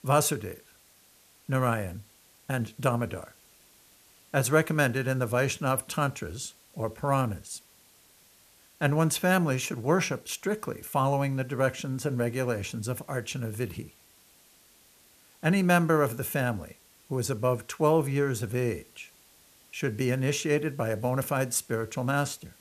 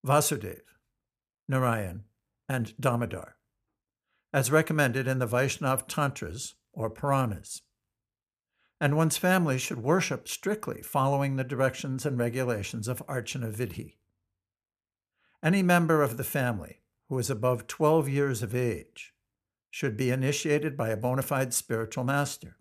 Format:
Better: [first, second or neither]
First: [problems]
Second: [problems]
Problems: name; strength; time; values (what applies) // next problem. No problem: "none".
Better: second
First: hiss; faint; throughout; 30 dB below the speech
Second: none